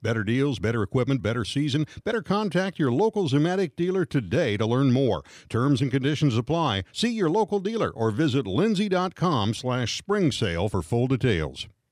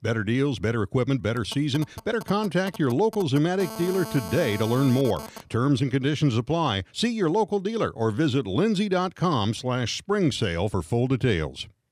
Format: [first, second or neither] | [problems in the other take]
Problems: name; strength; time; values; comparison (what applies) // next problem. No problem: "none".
first | phone ringing; faint; from 1.5 to 5.5 s; peak 10 dB below the speech